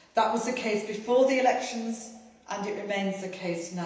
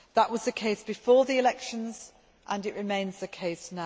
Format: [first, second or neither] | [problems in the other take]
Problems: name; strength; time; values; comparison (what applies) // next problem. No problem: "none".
second | room echo; dies away in 0.9 s